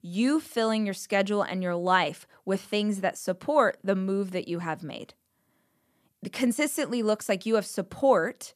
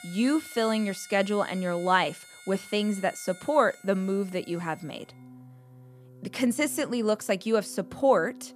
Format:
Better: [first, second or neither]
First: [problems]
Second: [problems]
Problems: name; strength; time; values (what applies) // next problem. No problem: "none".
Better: first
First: none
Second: background music; noticeable; throughout; 20 dB below the speech